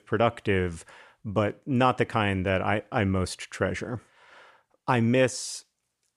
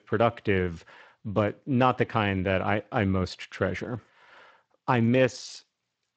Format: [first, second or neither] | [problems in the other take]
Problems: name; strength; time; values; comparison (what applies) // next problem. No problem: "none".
first | garbled, watery; slightly; nothing above 7.5 kHz